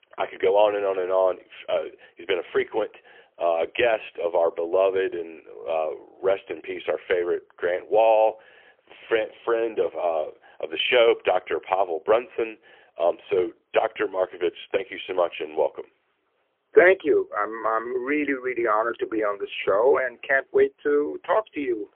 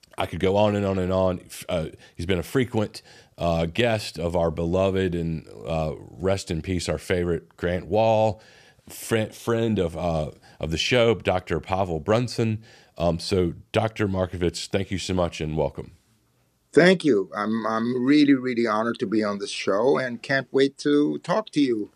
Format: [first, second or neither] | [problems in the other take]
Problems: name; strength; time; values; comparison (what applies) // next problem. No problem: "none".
second | phone-call audio; poor line; nothing above 3.5 kHz